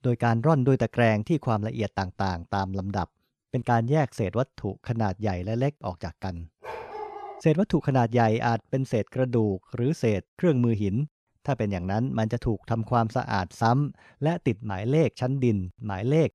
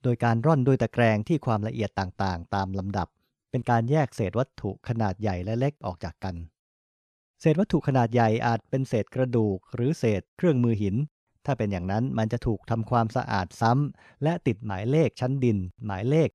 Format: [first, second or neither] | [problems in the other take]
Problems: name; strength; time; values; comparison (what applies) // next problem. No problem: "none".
second | dog barking; faint; at 6.5 s; peak 10 dB below the speech